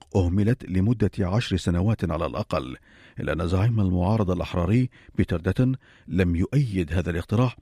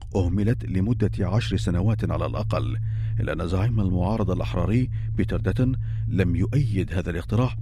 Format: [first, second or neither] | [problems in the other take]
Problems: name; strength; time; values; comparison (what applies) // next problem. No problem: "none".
first | low rumble; noticeable; throughout; 15 dB below the speech